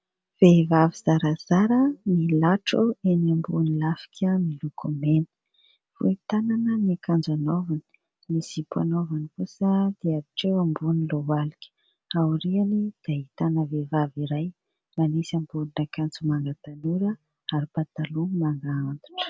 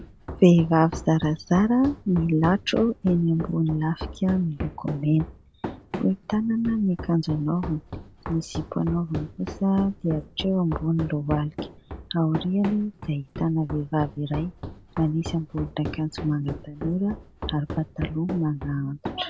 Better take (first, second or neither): first